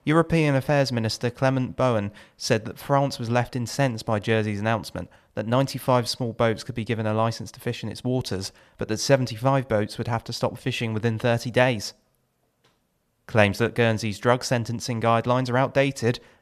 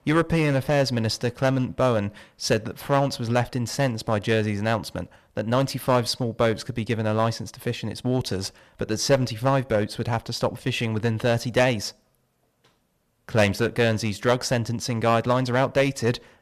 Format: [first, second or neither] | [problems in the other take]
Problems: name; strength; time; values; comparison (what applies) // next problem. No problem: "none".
first | distortion; slight; 4% of the sound clipped